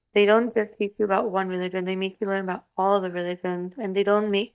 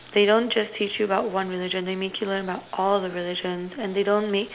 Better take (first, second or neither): second